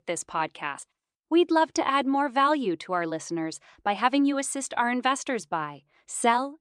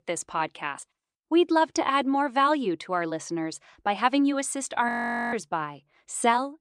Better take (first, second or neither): first